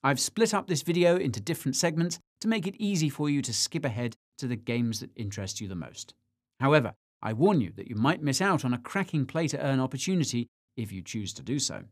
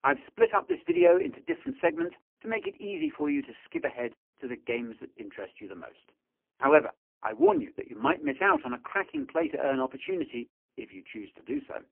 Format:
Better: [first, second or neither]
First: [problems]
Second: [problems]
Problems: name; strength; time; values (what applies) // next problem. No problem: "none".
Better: first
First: none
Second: phone-call audio; poor line; nothing above 3 kHz